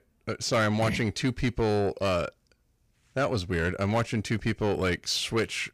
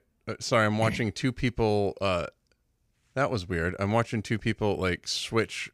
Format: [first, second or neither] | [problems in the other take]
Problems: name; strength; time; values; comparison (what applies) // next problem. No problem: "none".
second | distortion; slight; 10 dB below the speech